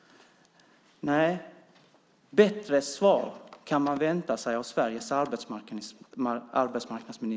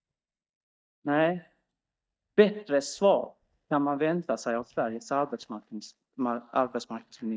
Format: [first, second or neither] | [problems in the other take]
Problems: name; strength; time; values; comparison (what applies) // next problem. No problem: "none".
first | noise reduction (neural mask model DeepFilterNet 3)